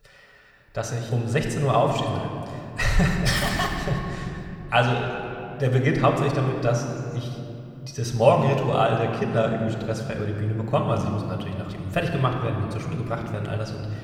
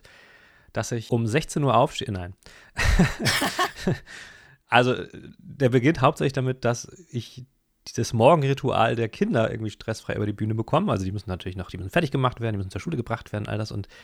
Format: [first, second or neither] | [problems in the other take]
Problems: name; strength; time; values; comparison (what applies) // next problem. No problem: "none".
second | room echo; noticeable; dies away in 2.4 s // off-mic speech; somewhat distant